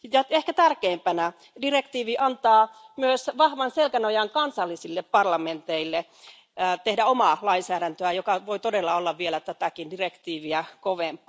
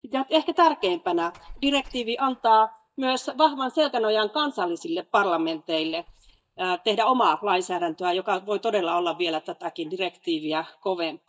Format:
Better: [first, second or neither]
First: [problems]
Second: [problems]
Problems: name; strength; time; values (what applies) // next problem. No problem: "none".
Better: first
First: none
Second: noise reduction (neural mask model DeepFilterNet 3)